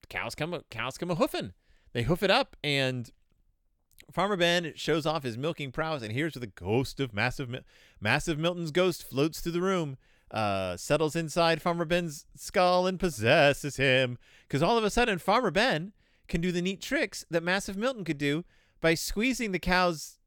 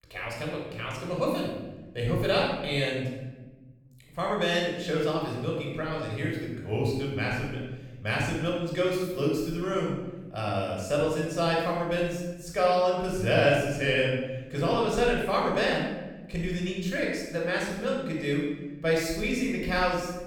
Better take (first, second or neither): first